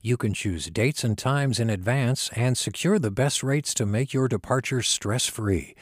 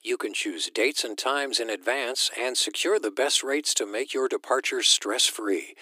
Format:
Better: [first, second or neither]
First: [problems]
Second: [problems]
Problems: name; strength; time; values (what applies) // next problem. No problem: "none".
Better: first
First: none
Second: thin; very; fading below 300 Hz